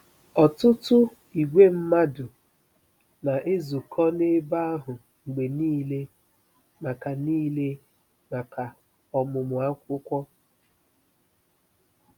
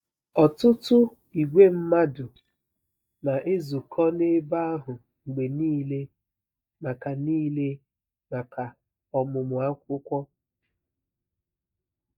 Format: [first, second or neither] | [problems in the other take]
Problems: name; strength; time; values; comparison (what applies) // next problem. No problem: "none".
first | noise reduction (neural mask model DeepFilterNet 3)